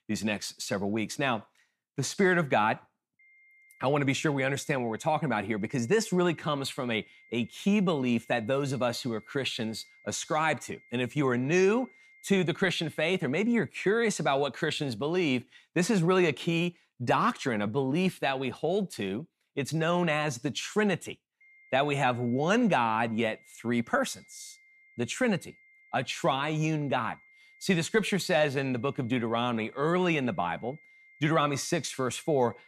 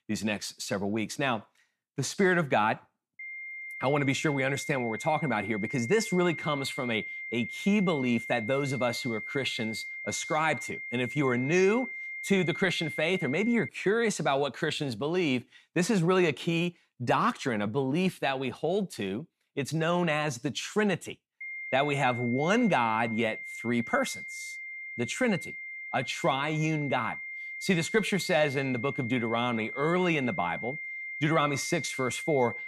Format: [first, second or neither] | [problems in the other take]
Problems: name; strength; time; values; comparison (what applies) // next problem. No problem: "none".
first | high-pitched whine; loud; from 3 to 14 s and from 21 s on; 2 kHz, 8 dB below the speech; faint in the first